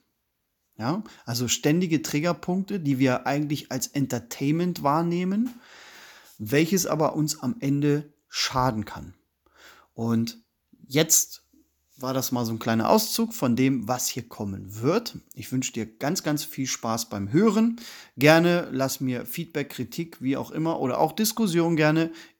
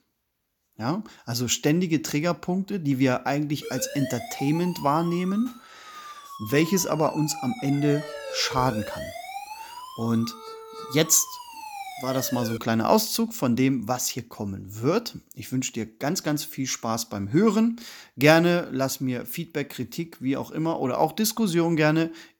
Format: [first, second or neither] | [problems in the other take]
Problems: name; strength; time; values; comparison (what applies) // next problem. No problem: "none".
first | siren; noticeable; from 3.5 to 13 s; peak 9 dB below the speech